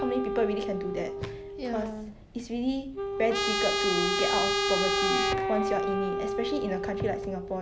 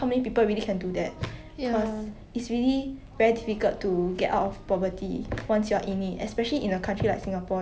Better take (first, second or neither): second